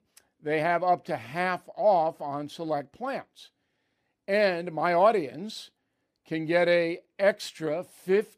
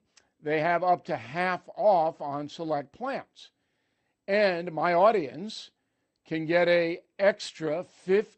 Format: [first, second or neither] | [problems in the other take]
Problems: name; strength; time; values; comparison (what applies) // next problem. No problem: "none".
first | garbled, watery; slightly; nothing above 8 kHz